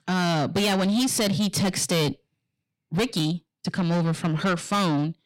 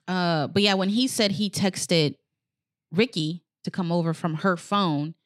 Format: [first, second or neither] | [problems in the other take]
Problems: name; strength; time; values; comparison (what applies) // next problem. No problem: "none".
second | distortion; heavy; 7 dB below the speech